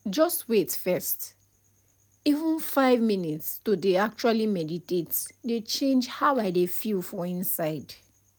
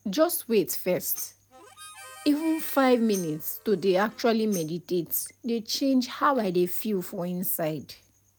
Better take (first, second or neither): first